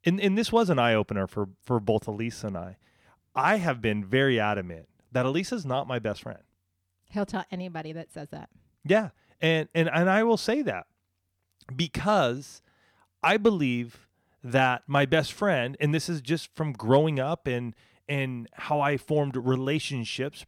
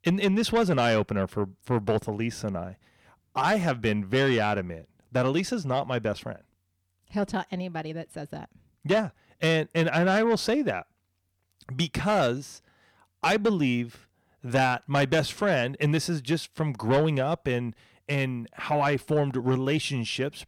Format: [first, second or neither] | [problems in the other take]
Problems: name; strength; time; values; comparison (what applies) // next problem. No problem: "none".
first | distortion; slight; 10 dB below the speech